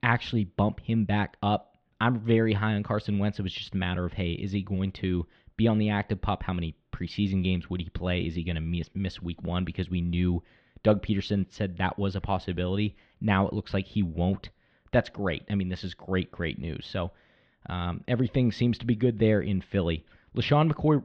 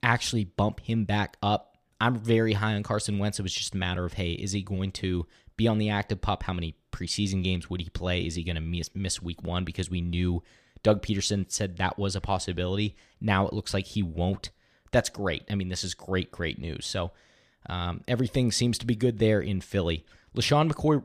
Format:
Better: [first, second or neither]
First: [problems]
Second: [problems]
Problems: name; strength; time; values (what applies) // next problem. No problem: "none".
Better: second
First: muffled; slightly; fading above 3.5 kHz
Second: none